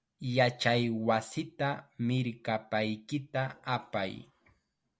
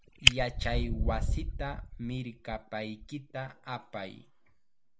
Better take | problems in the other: first | background sound (Fire); 5 dB above the speech

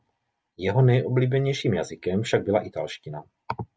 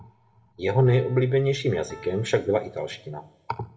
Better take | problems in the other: first | background sound (Piano); 20 dB below the speech // room echo; dies away in 1.3 s

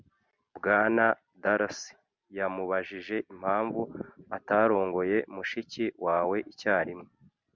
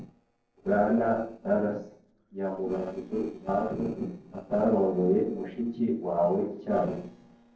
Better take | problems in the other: first | noise reduction (neural separator model SepFormer DNS4)

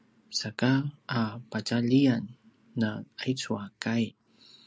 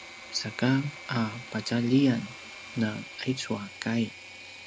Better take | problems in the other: first | background sound (Engine / Mechanisms); 15 dB below the speech

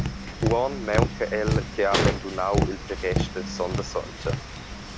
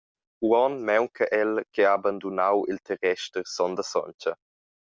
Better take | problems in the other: second | background sound (Tap); 1 dB above the speech

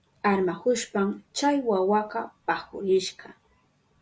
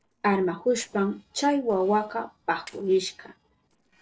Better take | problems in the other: first | noise reduction (neural separator model SepFormer DNS4)

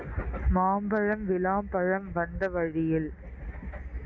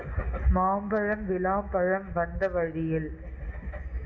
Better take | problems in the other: first | room echo; dies away in 0.8 s

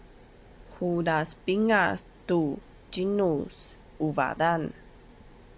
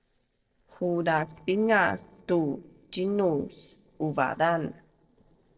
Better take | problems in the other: first | noise reduction (neural separator model SepFormer DNS4)

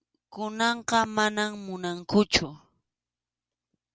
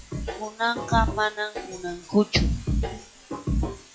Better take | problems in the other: first | noise reduction (classical method log-MMSE)

